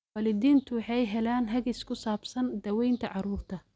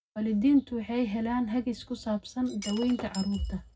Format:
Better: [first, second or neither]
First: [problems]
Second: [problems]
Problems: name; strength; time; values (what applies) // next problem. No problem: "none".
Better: first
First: none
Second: background sound (Shatter); 15 dB below the speech // room echo; dies away in 0.4 s